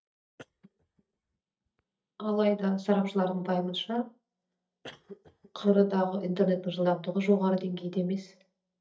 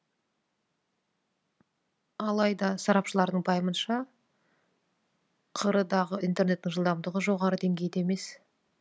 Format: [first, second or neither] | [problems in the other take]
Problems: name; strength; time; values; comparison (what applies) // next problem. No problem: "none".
second | noise reduction (neural mask model DeepFilterNet 3)